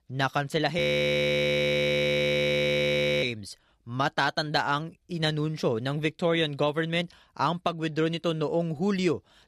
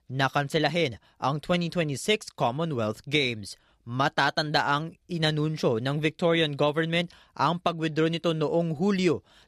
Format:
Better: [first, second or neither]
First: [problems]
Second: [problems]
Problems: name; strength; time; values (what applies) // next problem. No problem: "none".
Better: second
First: audio freezing; at 1 s for 2.5 s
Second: none